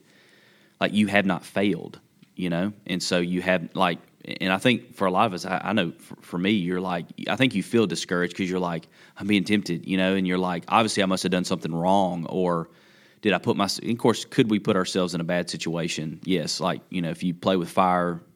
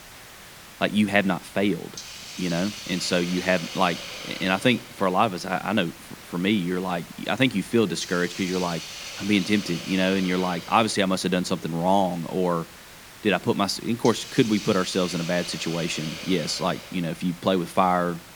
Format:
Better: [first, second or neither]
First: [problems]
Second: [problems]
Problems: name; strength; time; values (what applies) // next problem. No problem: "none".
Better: first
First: none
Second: hiss; noticeable; throughout; 10 dB below the speech